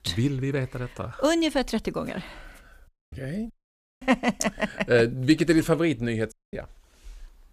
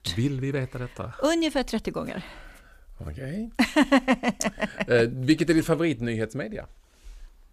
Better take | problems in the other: second | audio cutting out; at 3 s, at 3.5 s for 0.5 s and at 6.5 s

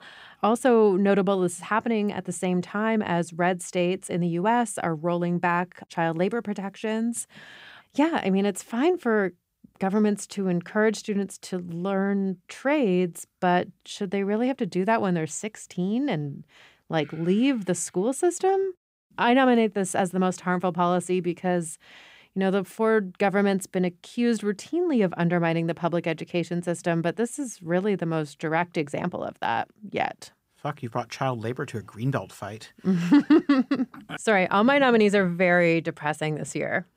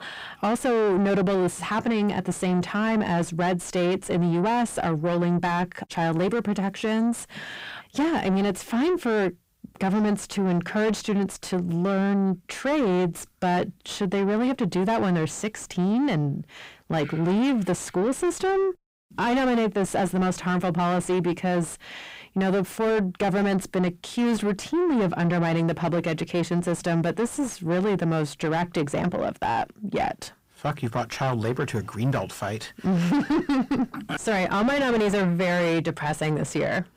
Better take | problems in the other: first | distortion; heavy; 6 dB below the speech

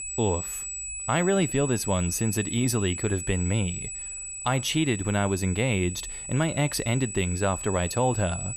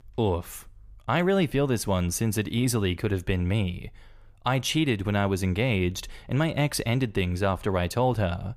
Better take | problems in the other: second | high-pitched whine; loud; throughout; 8 kHz, 6 dB below the speech

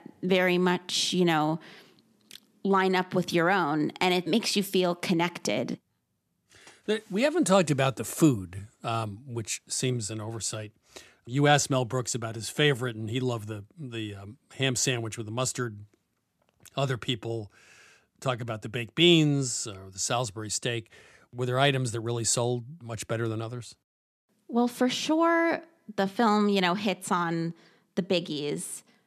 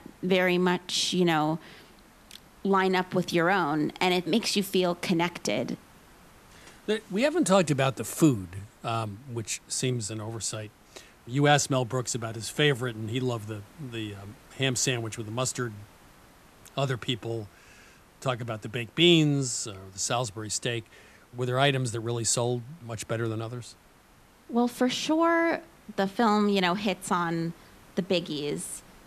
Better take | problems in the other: first | hiss; faint; throughout; 30 dB below the speech

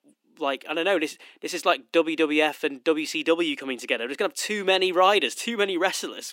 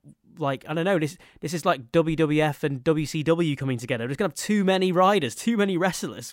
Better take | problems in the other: second | thin; somewhat; fading below 300 Hz

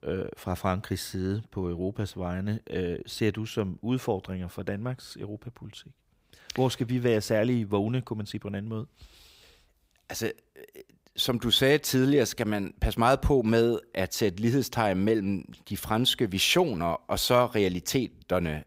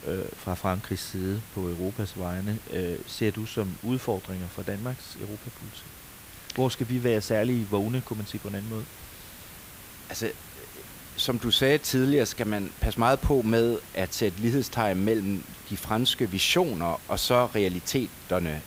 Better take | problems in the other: first | hiss; noticeable; throughout; 15 dB below the speech

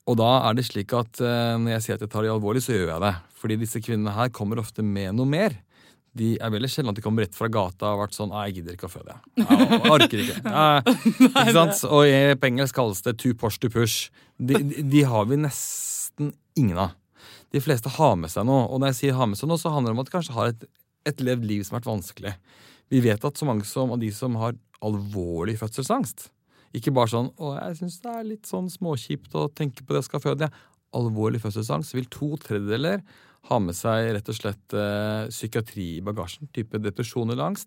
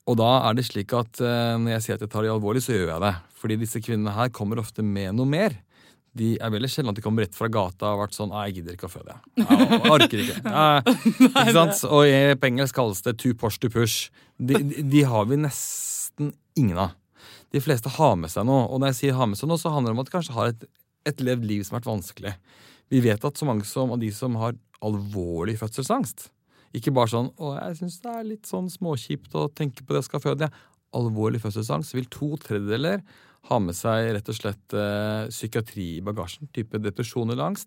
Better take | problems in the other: neither | none

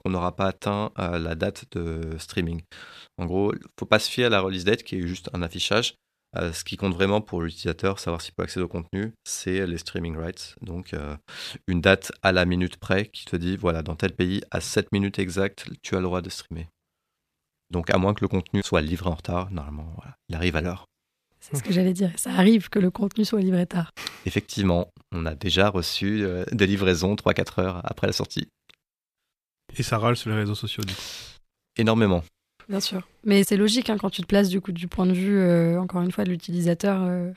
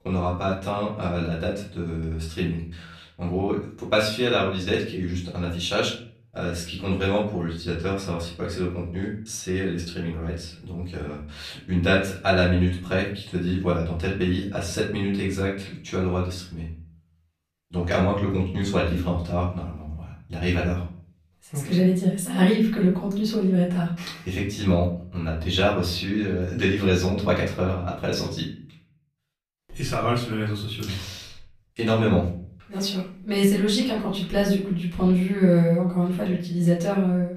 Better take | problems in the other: first | room echo; slight; dies away in 0.5 s // off-mic speech; far

